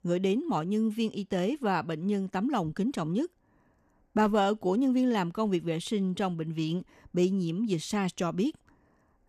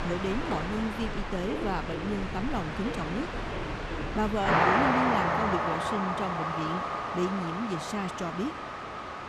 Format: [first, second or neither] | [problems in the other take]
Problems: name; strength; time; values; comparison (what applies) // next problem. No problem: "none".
first | train or aircraft noise; very loud; throughout; 2 dB above the speech